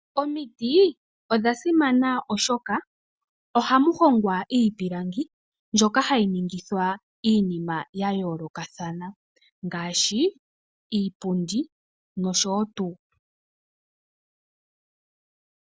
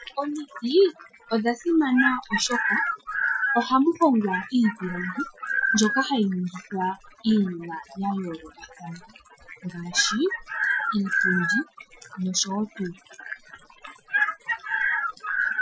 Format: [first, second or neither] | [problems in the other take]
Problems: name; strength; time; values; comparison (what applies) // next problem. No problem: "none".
first | noise reduction (classical method Wiener filter)